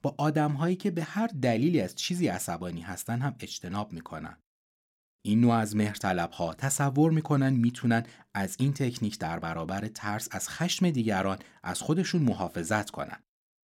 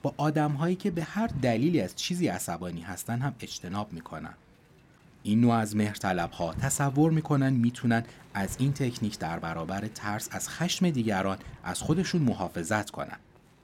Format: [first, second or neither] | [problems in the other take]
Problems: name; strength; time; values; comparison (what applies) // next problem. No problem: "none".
first | wind noise on the microphone; occasional gusts; 25 dB below the speech